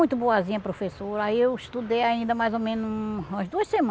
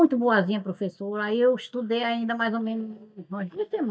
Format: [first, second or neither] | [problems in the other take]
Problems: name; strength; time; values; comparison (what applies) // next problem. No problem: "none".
first | noise reduction (neural mask model DeepFilterNet 3)